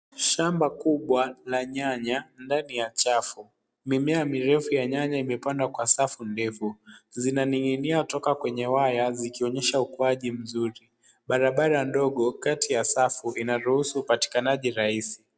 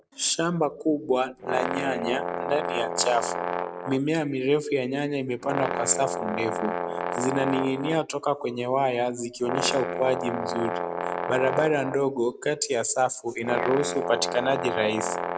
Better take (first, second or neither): first